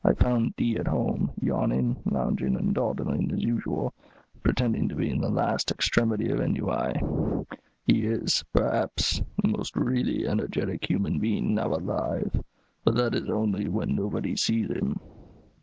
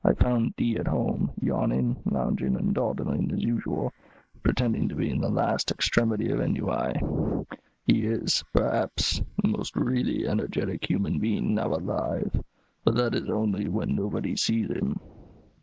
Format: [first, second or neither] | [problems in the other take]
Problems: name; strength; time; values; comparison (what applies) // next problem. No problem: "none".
first | noise reduction (neural mask model Resemble Enhance denoiser)